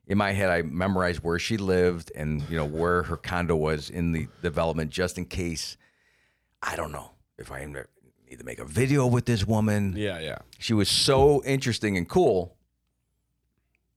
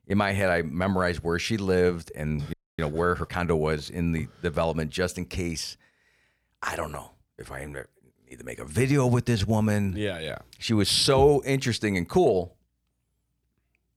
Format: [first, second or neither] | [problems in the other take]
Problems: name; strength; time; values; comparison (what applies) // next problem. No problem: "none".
first | audio freezing; at 2.5 s